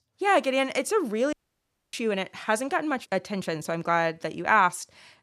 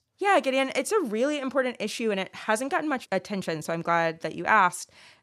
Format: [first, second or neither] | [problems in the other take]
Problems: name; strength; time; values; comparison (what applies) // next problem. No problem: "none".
second | audio cutting out; at 1.5 s for 0.5 s